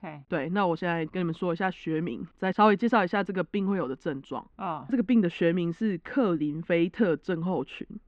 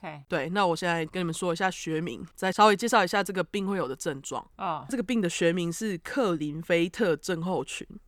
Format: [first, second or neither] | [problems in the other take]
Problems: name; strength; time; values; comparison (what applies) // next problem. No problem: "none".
second | muffled; very; fading above 3 kHz